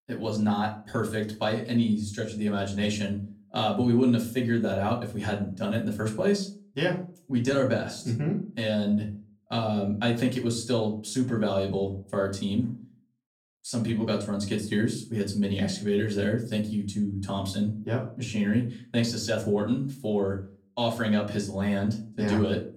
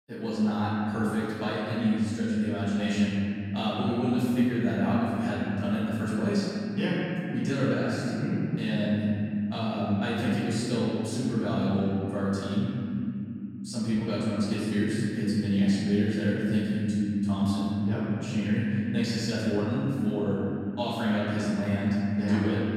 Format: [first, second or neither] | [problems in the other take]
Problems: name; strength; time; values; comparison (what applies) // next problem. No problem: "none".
first | room echo; strong; dies away in 3 s; slight in the first // off-mic speech; far; far in the first